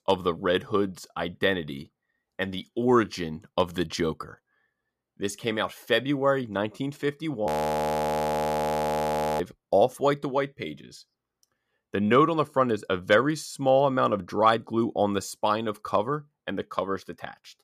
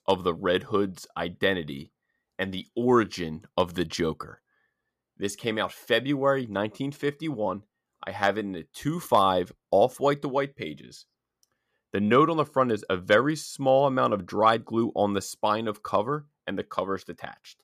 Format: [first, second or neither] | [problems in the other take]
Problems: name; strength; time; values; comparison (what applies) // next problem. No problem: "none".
second | audio freezing; at 7.5 s for 2 s